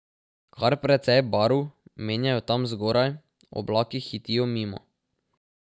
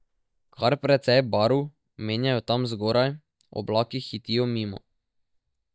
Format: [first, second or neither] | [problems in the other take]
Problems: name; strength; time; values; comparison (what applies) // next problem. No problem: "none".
first | noise reduction (neural mask model DeepFilterNet 3)